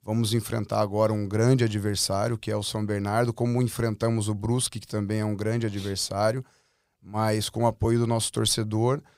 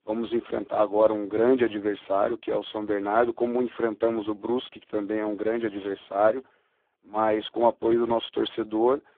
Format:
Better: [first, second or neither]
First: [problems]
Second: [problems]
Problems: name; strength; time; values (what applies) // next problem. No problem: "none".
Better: first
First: none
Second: phone-call audio; poor line; nothing above 3.5 kHz